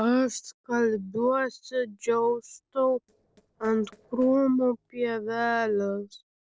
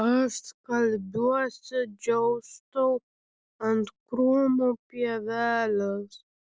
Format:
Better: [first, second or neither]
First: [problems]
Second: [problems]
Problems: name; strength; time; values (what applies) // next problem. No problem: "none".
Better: second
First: noise reduction (neural separator model SepFormer DNS4)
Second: none